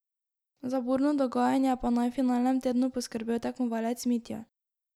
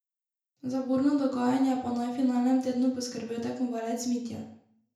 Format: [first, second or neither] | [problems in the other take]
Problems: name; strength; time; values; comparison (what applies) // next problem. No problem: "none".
first | room echo; dies away in 0.5 s